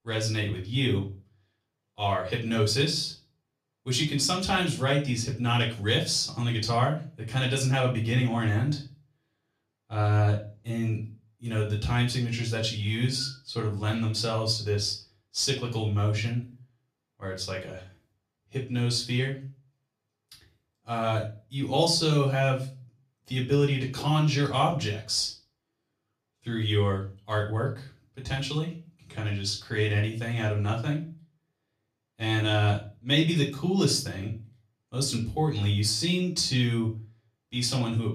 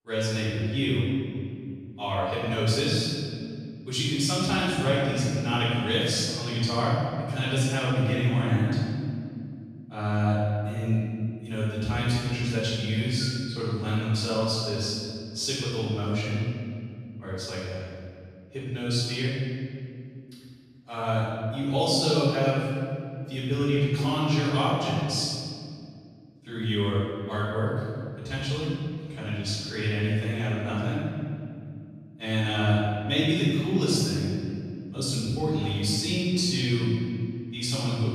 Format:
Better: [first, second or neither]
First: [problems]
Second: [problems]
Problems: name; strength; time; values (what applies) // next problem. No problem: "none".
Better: first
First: room echo; slight; dies away in 0.3 s // off-mic speech; far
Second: room echo; strong; dies away in 2.3 s // off-mic speech; far